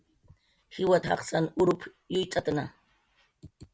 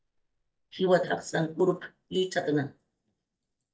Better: first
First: none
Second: noise reduction (neural mask model DeepFilterNet 3)

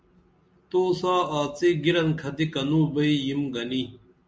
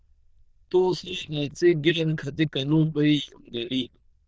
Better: first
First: none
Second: noise reduction (neural diffusion model UNIVERSE++)

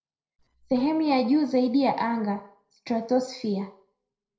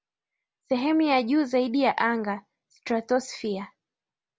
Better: second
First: noise reduction (neural separator model SepFormer DNS4)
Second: none

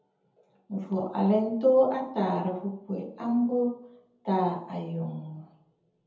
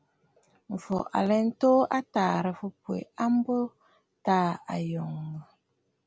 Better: second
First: room echo; dies away in 0.7 s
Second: none

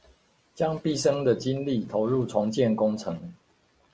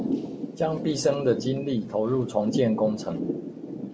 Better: first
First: none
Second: background sound (Thunder / Rain); 6 dB below the speech

